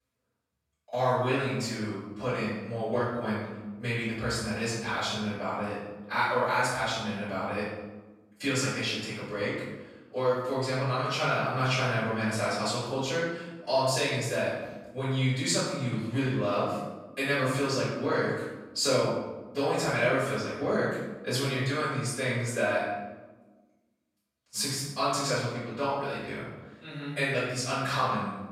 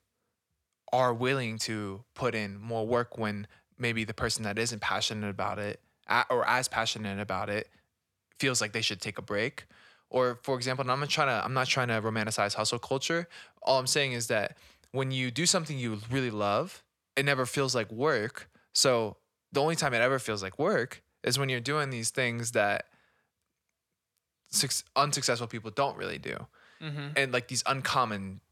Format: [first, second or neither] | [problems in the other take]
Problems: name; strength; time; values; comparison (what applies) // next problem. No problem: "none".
second | room echo; strong; dies away in 1 s // off-mic speech; far